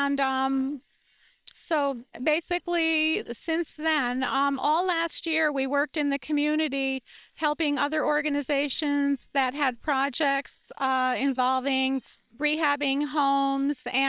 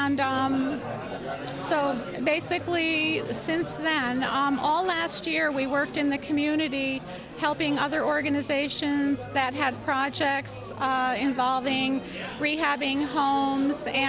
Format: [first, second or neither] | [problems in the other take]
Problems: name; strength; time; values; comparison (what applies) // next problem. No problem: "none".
second | noise reduction (neural separator model SepFormer WHAM!)